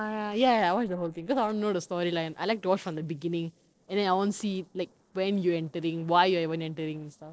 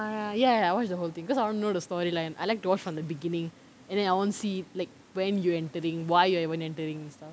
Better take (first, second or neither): second